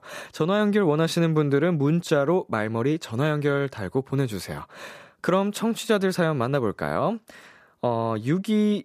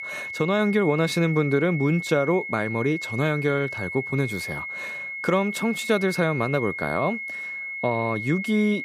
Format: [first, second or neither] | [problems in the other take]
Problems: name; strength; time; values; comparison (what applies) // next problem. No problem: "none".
first | high-pitched whine; loud; throughout; 2 kHz, 6 dB below the speech